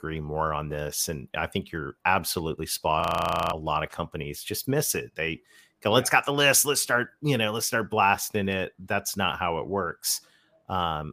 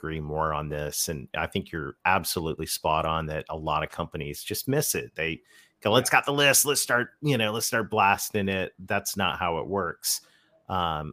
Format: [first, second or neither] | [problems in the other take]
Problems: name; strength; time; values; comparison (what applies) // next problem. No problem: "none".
second | audio freezing; at 3 s for 0.5 s